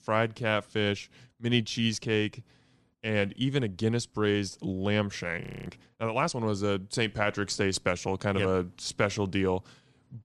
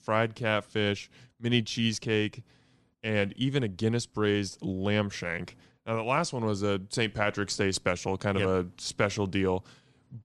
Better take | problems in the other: second | audio freezing; at 5.5 s

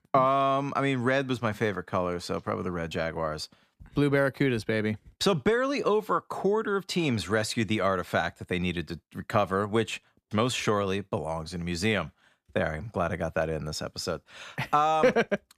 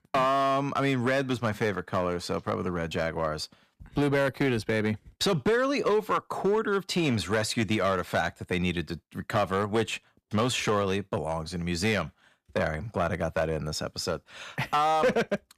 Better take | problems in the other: first | distortion; slight; 5% of the sound clipped

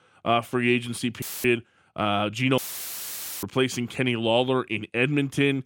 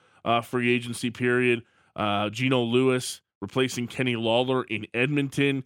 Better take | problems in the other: second | audio cutting out; filled with static; at 1 s and at 2.5 s for 1 s

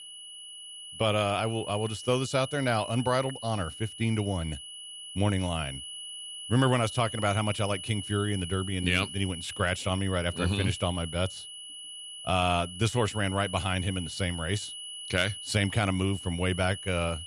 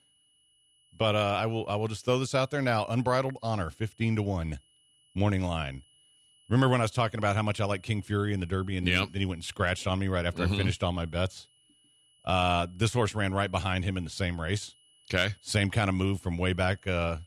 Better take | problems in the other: second | high-pitched whine; loud; throughout; 3 kHz, 10 dB below the speech; faint in the second

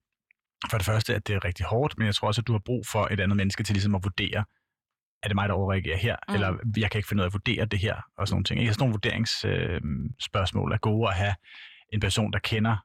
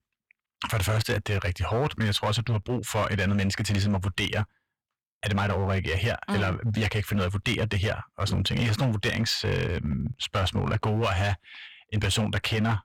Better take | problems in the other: first | distortion; slight; 11% of the sound clipped

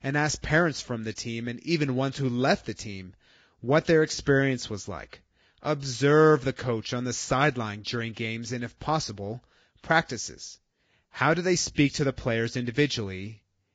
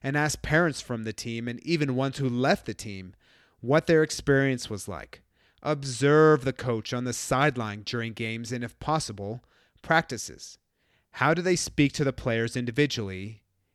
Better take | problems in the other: second | garbled, watery; badly; nothing above 7.5 kHz

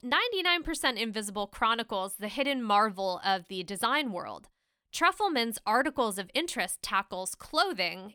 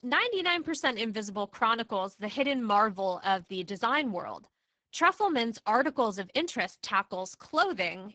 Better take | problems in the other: first | garbled, watery; badly; nothing above 7.5 kHz

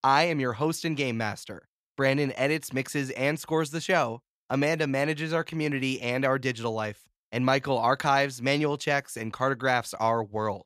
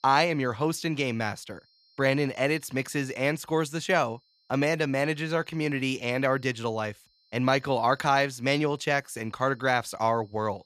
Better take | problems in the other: first | high-pitched whine; faint; throughout; 4 kHz, 35 dB below the speech

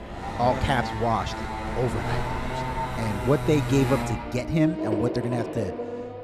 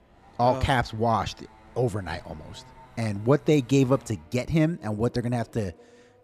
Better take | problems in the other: second | traffic noise; loud; throughout; 4 dB below the speech; faint in the second

